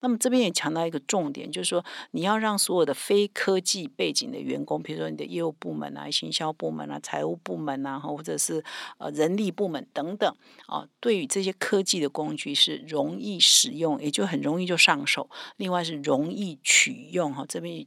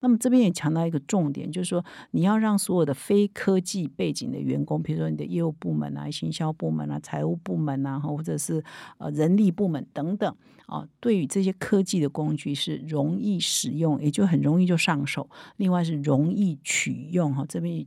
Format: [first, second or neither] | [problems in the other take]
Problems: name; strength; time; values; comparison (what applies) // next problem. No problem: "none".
second | thin; somewhat; fading below 400 Hz